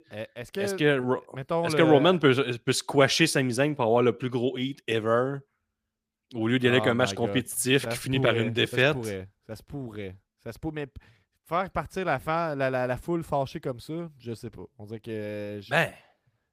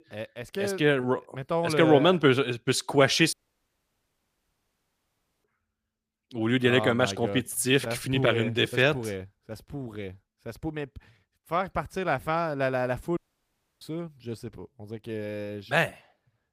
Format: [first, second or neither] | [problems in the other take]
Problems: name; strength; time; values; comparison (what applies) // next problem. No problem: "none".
first | audio cutting out; at 3.5 s for 2 s and at 13 s for 0.5 s